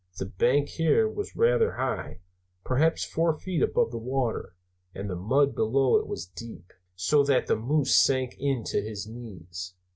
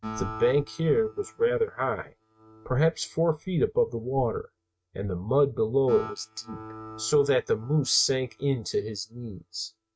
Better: first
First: none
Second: noise reduction (neural mask model RNNoise)

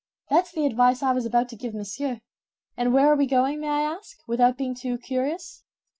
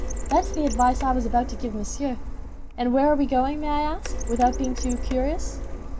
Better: first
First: none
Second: background sound (Printer); 4 dB below the speech

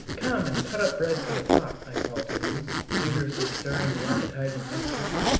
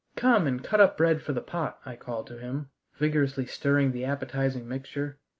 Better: second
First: background sound (Zipper (clothing)); 2 dB above the speech // room echo; dies away in 0.9 s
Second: none

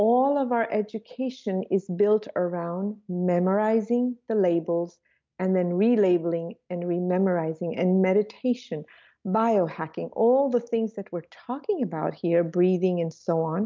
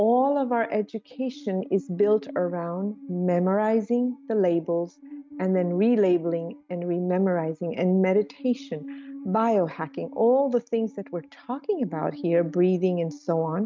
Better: first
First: none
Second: noise reduction (neural mask model RNNoise)

